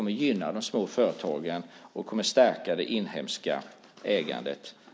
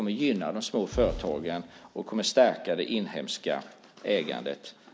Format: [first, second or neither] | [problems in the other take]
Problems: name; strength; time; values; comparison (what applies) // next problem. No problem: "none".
first | background sound (Fireworks); 15 dB below the speech